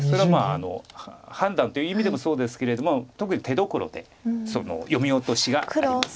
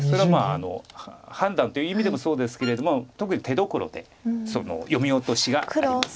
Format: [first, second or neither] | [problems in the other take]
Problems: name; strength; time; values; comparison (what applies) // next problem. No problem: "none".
first | background sound (Wind instrument, woodwind instrument); 17 dB below the speech